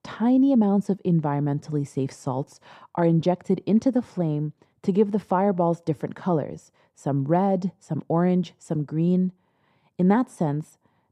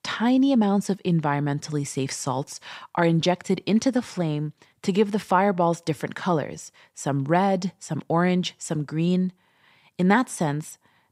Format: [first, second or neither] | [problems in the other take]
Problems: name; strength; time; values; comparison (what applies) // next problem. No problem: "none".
second | muffled; slightly; fading above 1 kHz